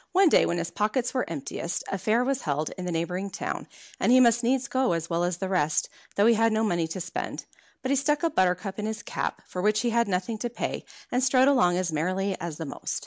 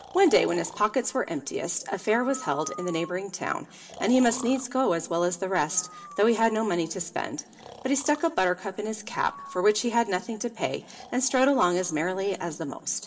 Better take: first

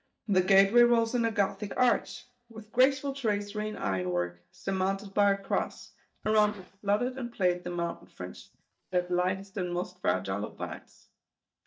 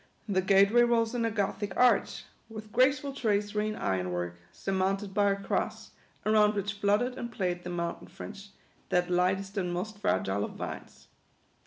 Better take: second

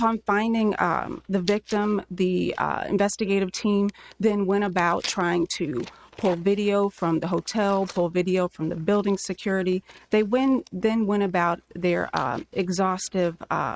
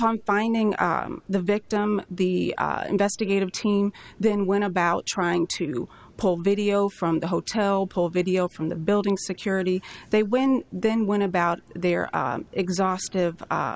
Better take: second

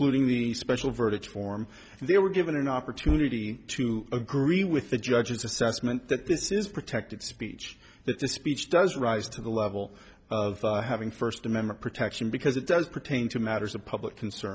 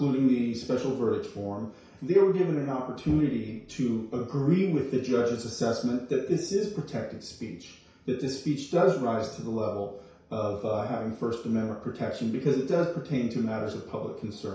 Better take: first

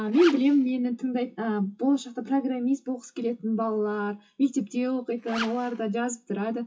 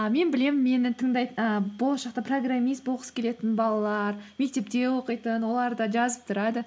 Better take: second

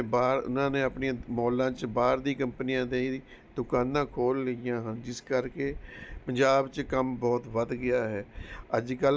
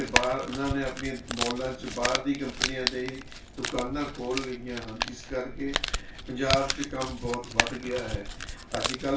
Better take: first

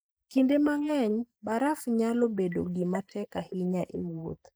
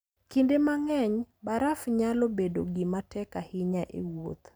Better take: second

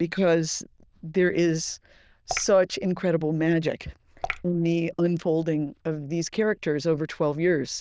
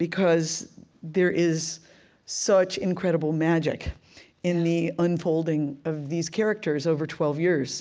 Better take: second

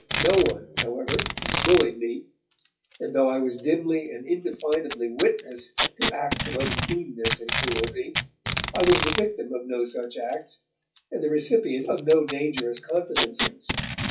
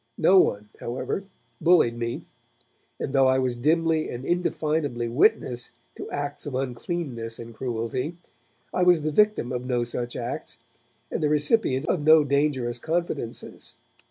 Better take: second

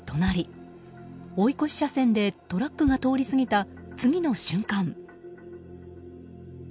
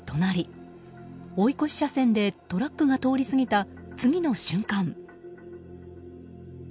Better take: second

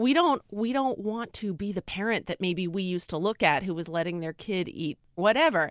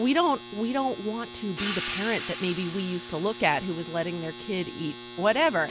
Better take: first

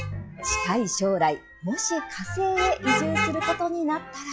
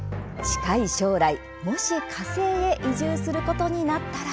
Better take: second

